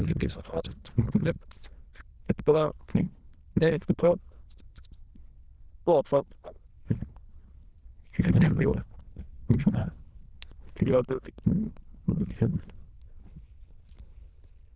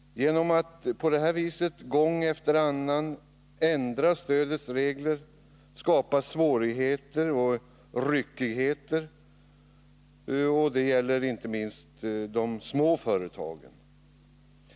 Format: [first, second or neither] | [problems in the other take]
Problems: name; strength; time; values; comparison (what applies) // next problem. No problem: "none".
second | noise reduction (neural diffusion model UNIVERSE++)